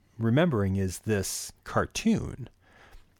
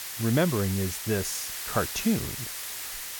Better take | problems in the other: first | hiss; loud; throughout; 5 dB below the speech

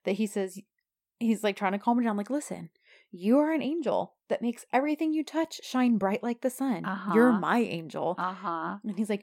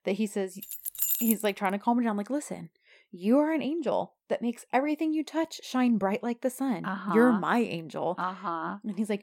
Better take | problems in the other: first | jangling keys; loud; at 0.5 s; peak 3 dB above the speech

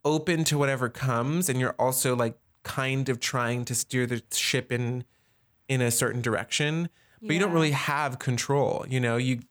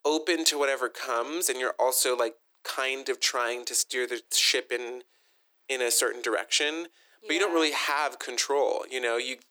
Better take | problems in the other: first | thin; very; fading below 300 Hz

